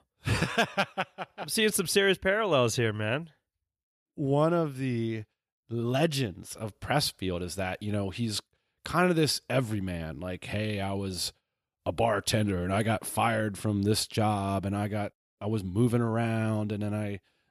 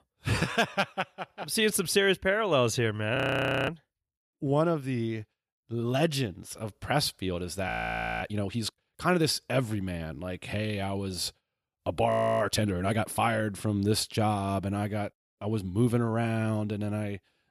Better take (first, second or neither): first